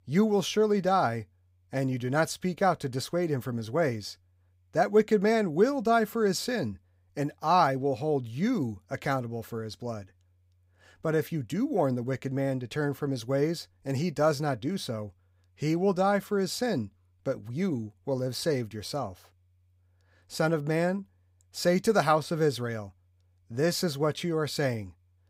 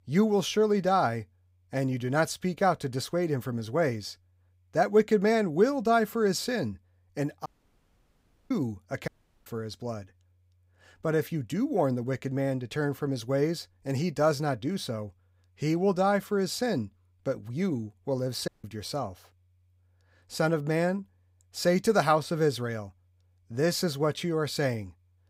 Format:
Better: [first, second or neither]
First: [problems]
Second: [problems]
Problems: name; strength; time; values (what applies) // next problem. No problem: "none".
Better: first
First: none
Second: audio cutting out; at 7.5 s for 1 s, at 9 s and at 18 s